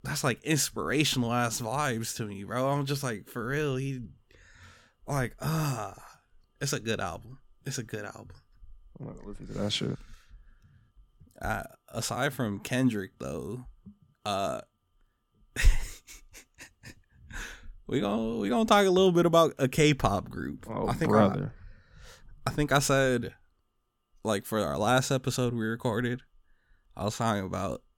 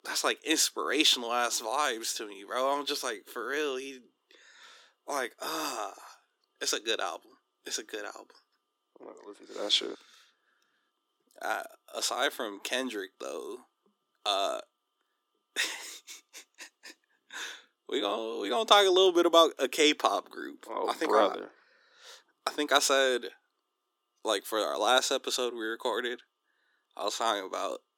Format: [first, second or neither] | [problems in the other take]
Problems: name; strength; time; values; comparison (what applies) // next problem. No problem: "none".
first | thin; very; fading below 300 Hz